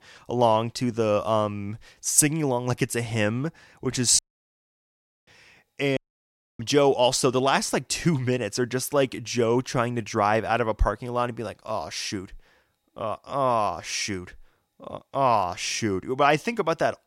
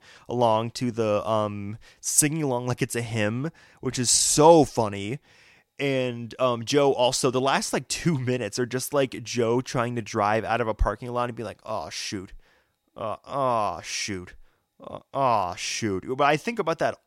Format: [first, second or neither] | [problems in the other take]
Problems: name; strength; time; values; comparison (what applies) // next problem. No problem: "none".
second | audio cutting out; at 4 s for 1 s and at 6 s for 0.5 s